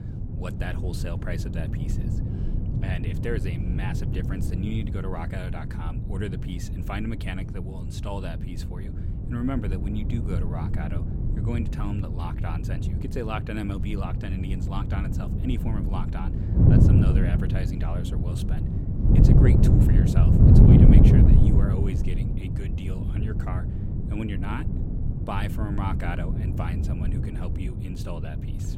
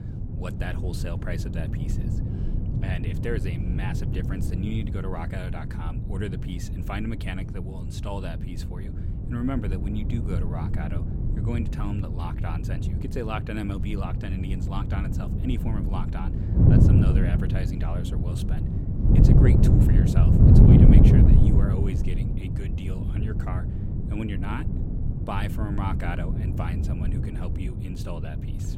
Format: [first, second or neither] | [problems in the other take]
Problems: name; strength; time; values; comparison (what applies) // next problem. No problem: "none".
neither | wind noise on the microphone; heavy; 2 dB above the speech; the same in both